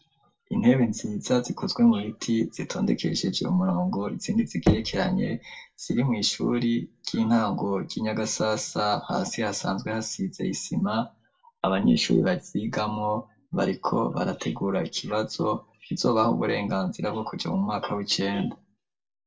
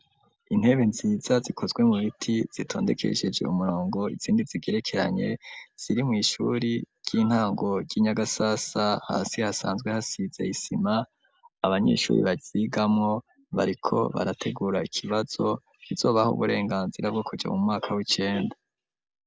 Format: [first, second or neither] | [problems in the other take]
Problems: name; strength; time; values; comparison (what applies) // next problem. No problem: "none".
second | noise reduction (neural separator model SepFormer DNS4)